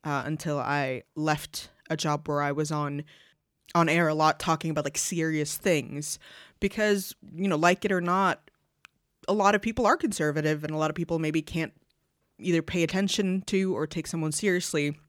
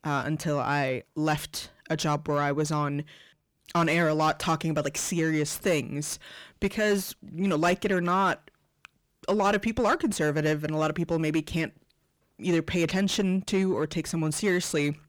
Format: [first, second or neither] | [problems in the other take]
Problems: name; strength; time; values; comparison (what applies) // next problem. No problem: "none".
first | distortion; slight; 10 dB below the speech